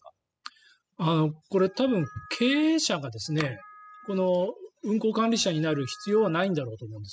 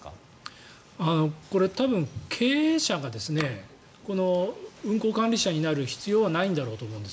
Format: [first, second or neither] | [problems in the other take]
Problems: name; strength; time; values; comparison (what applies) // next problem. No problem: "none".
second | noise reduction (classical method spectral subtraction)